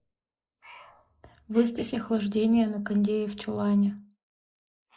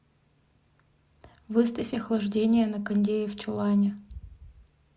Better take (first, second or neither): second